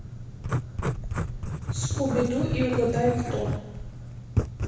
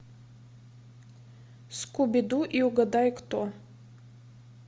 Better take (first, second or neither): second